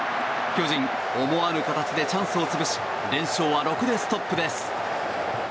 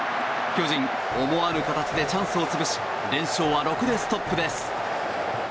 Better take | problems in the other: first | background sound (Knock); 18 dB below the speech

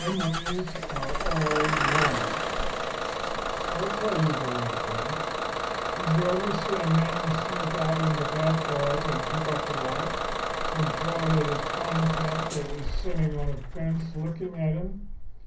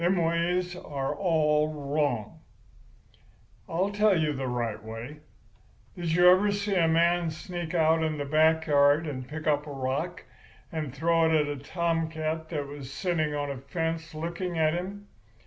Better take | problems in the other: second | background sound (Engine starting / Bus); as loud as the speech // room echo; dies away in 0.5 s

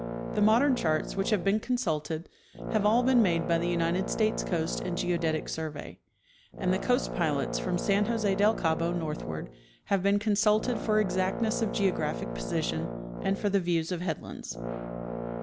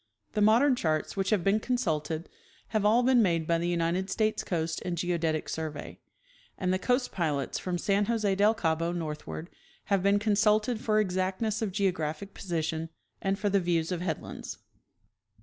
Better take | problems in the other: second | background sound (Brass instrument); 7 dB below the speech

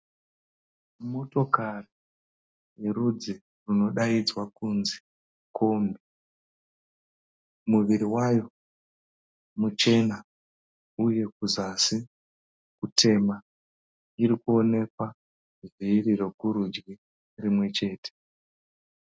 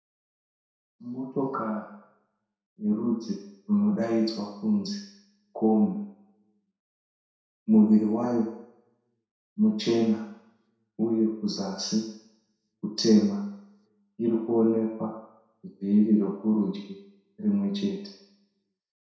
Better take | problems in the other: first | room echo; dies away in 0.7 s

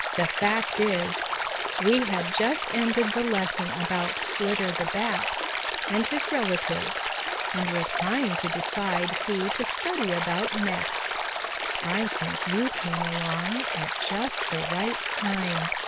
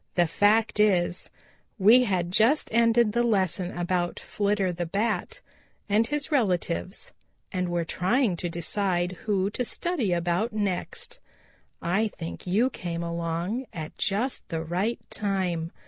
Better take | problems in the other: second | background sound (Stream); as loud as the speech

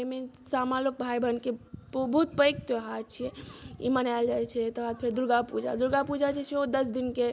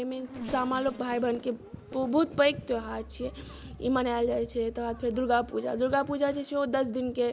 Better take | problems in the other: first | background sound (Race car, auto racing / Accelerating, revving, vroom + Engine); 18 dB below the speech

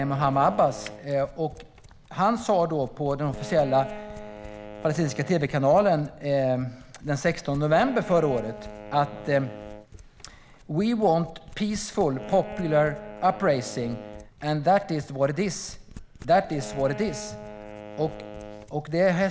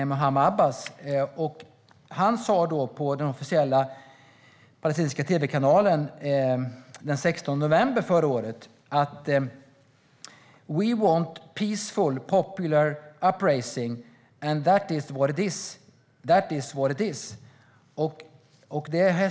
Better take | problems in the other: second | background sound (Domestic sounds, home sounds + Wind instrument, woodwind instrument); 15 dB below the speech

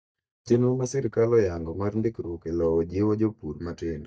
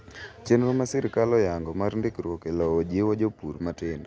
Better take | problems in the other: second | noise reduction (neural mask model DeepFilterNet 3)

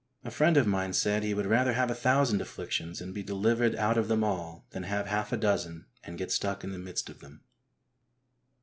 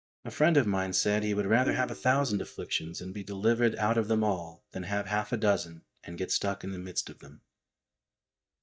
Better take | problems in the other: first | noise reduction (neural mask model DeepFilterNet 3)

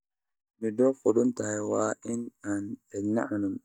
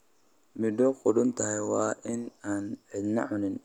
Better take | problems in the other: second | noise reduction (neural mask model DeepFilterNet 3)

